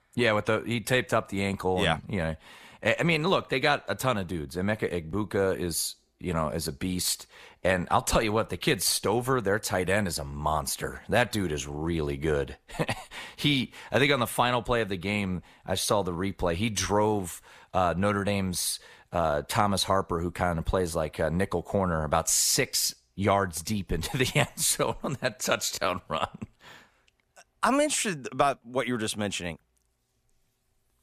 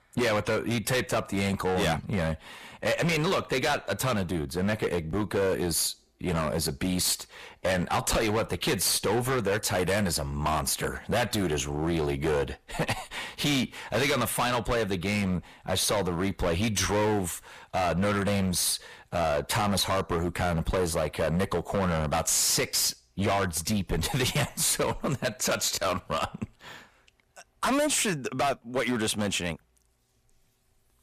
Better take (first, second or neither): first